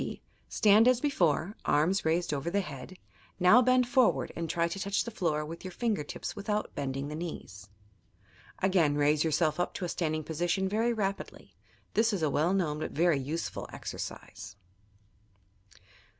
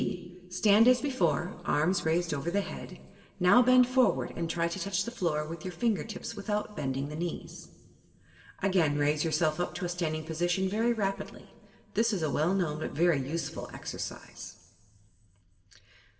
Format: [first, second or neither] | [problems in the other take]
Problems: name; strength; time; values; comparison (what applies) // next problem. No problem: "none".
first | room echo; dies away in 2 s